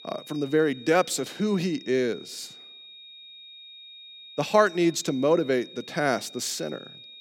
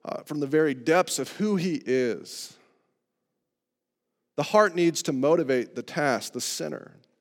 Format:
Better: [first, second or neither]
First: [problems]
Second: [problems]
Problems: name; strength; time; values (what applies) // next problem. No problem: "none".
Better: second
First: high-pitched whine; noticeable; throughout; 3.5 kHz, 20 dB below the speech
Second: none